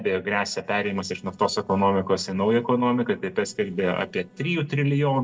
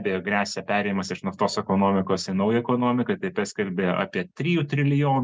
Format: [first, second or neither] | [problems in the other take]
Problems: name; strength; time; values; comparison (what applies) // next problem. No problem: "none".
second | noise reduction (neural separator model SepFormer DNS4)